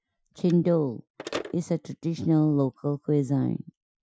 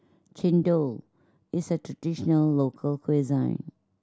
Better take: second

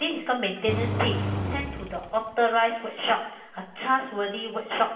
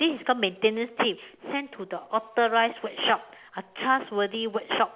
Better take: second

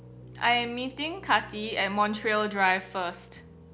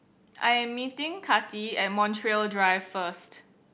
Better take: second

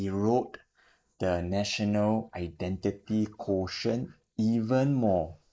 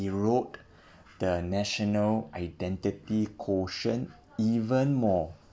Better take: second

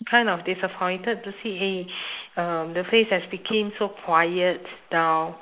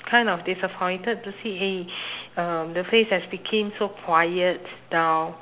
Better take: second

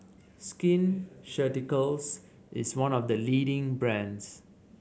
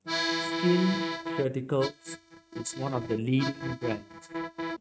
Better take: first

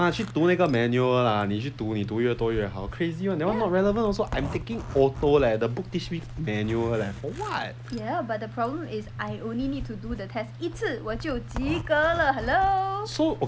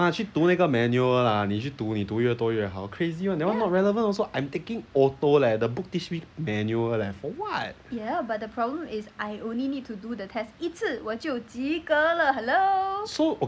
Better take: second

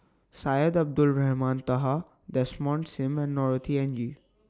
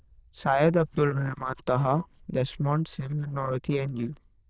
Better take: first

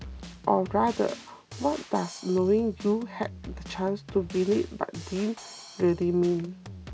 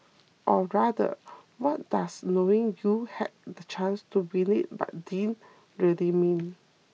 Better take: second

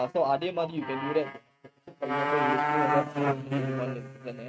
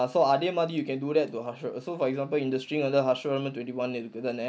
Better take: second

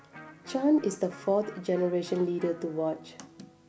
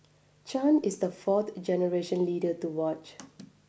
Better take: second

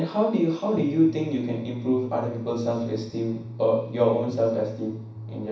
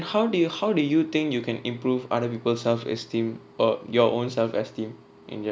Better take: second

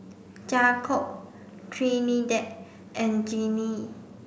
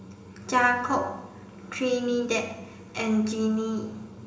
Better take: first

